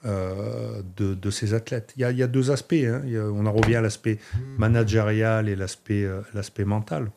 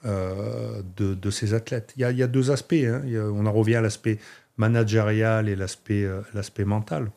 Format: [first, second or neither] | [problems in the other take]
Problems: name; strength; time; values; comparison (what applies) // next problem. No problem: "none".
second | footsteps; noticeable; at 3.5 s; peak 4 dB below the speech // phone ringing; noticeable; at 4.5 s; peak 4 dB below the speech